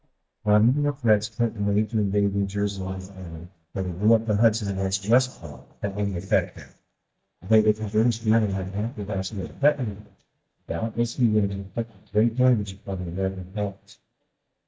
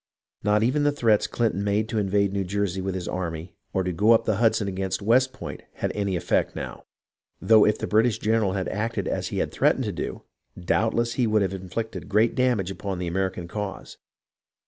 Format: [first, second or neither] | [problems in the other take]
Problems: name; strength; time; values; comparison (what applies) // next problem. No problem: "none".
second | noise reduction (neural mask model DeepFilterNet 3)